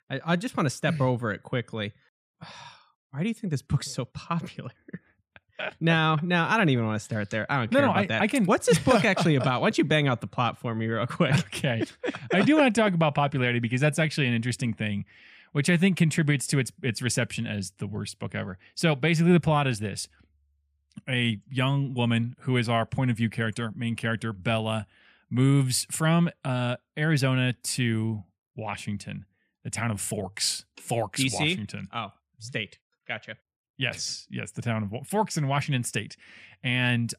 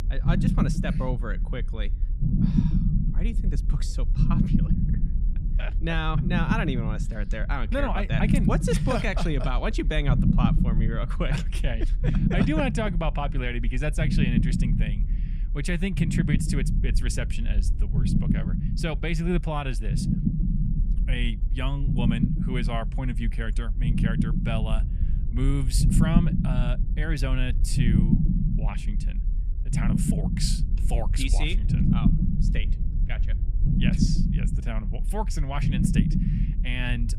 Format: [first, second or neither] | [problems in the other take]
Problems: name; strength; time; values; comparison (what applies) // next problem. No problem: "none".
first | low rumble; loud; throughout; 3 dB below the speech